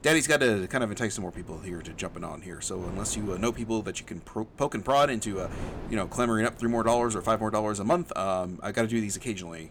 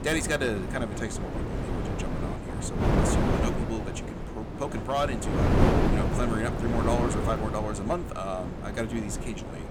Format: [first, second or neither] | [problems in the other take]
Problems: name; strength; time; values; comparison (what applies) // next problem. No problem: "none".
first | wind noise on the microphone; heavy; 1 dB below the speech; occasional gusts in the first